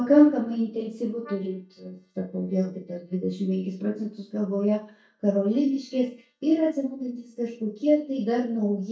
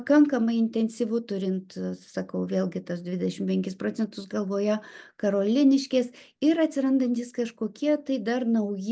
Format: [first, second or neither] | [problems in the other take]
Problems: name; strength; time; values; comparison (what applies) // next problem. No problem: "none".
second | noise reduction (neural mask model DeepFilterNet 3)